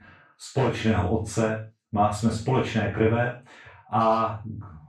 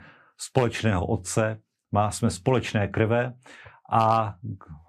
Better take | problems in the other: second | room echo; noticeable; dies away in 0.3 s // off-mic speech; far

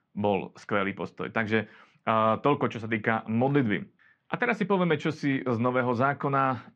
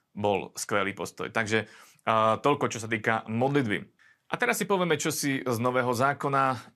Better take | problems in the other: second | muffled; very; fading above 3 kHz

